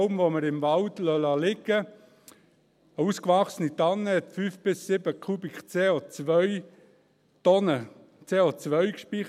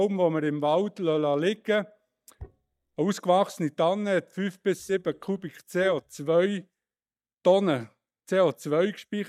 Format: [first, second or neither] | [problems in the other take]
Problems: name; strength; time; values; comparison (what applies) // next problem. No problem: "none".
first | noise reduction (neural mask model DeepFilterNet 3)